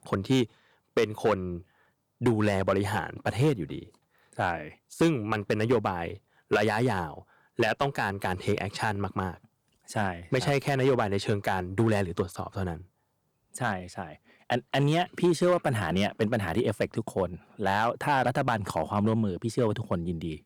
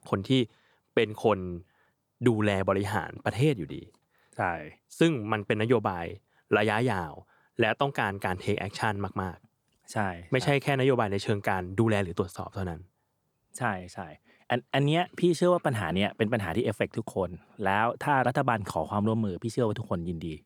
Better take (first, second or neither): second